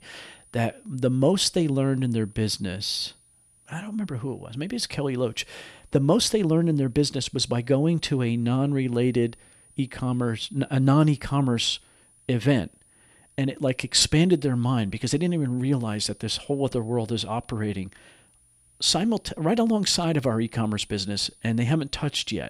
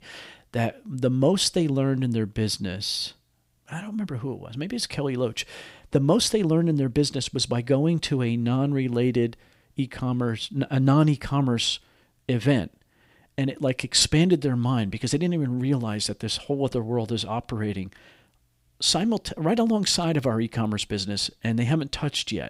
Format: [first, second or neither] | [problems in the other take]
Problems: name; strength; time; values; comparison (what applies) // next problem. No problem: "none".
second | high-pitched whine; faint; throughout; 9.5 kHz, 30 dB below the speech